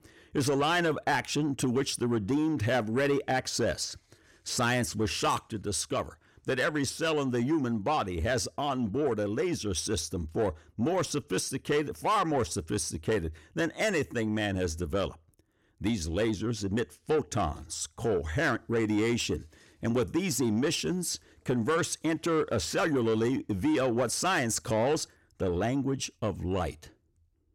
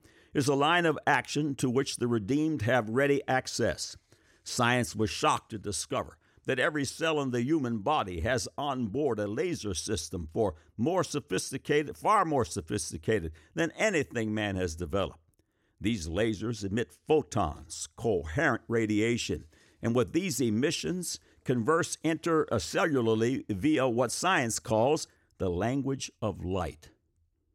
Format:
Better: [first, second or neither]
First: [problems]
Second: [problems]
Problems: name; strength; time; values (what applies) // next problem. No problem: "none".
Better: second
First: distortion; slight; 10 dB below the speech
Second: none